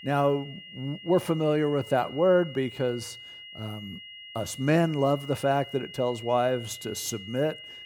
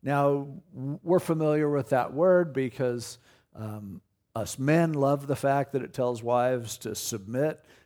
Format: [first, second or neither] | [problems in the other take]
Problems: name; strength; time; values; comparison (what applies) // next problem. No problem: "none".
second | high-pitched whine; noticeable; throughout; 3 kHz, 15 dB below the speech